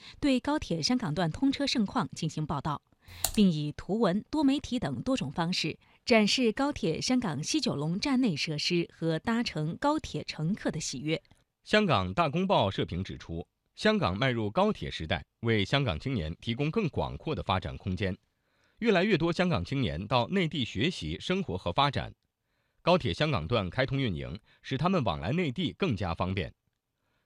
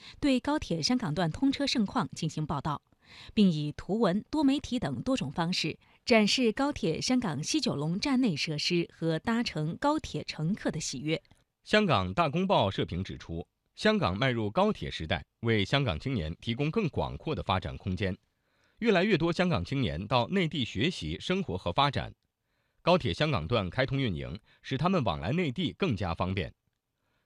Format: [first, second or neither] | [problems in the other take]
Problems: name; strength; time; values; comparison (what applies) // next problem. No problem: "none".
second | keyboard typing; noticeable; at 3 s; peak 4 dB below the speech